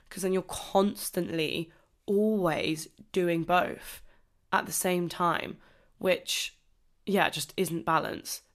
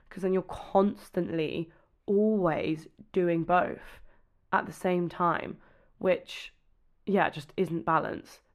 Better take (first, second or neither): first